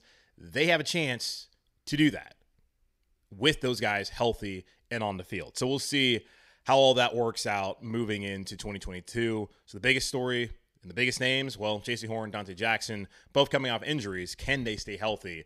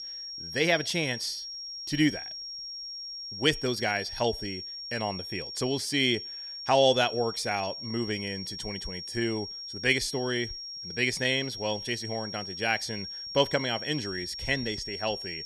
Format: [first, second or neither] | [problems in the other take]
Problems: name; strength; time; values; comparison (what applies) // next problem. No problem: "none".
first | high-pitched whine; loud; throughout; 5.5 kHz, 7 dB below the speech